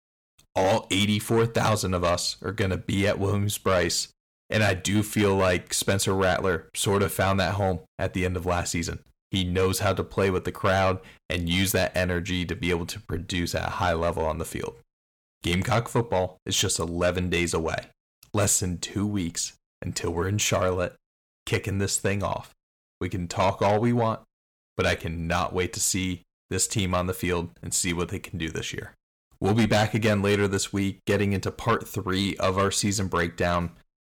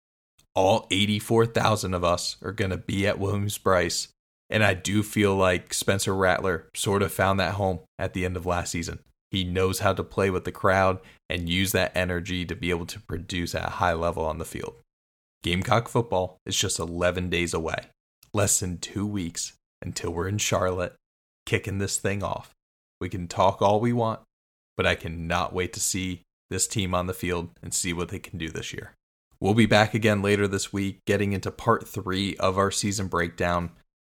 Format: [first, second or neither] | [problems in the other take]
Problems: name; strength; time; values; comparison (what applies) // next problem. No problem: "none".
second | distortion; slight; 10 dB below the speech